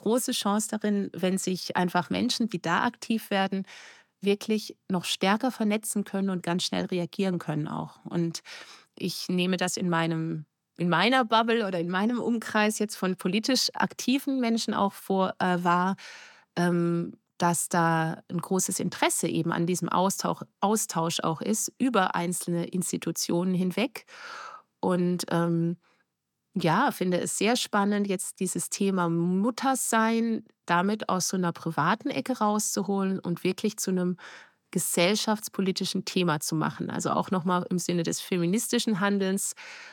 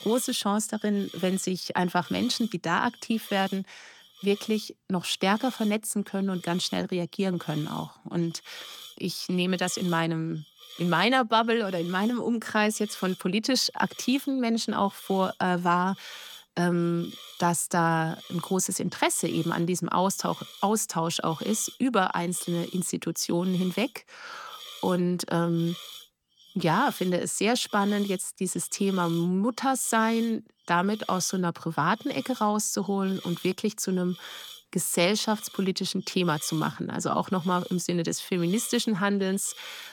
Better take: first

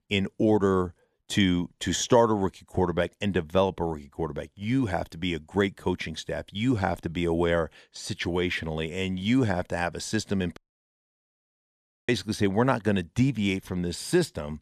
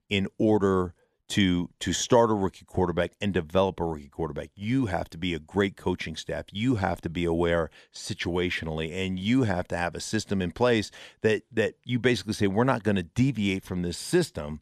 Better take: second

